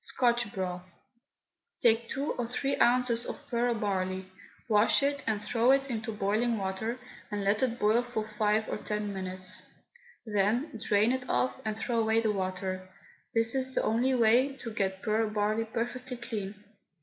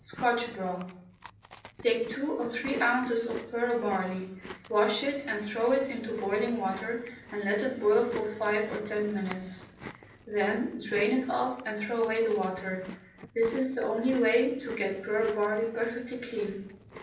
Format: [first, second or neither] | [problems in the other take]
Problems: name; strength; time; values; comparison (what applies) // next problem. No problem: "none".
first | background sound (Chewing, mastication); 17 dB below the speech // room echo; dies away in 0.6 s